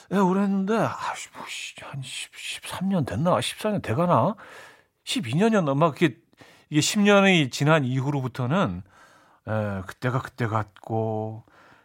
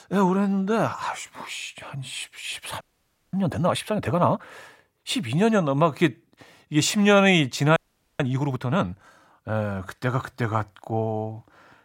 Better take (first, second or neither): first